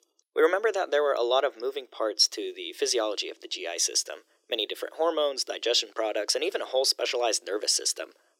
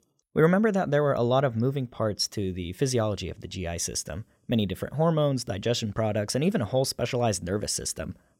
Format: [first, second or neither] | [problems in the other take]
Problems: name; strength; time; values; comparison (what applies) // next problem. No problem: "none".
second | thin; very; fading below 300 Hz